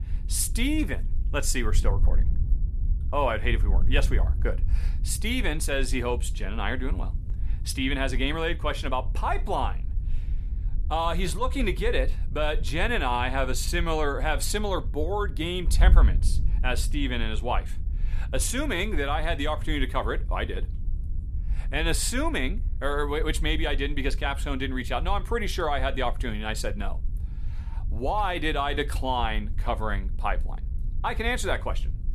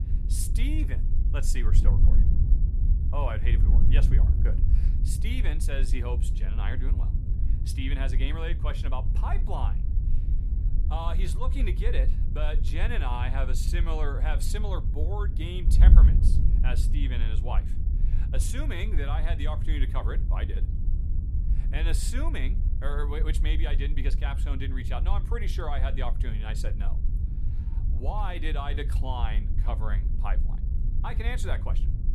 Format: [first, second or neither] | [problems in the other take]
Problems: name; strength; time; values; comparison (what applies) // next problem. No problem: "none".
first | wind noise on the microphone; heavy; 8 dB below the speech; occasional gusts in the first